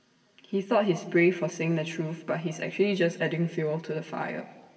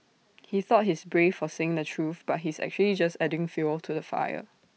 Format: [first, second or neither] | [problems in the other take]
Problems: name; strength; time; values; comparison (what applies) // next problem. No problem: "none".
second | room echo; dies away in 2 s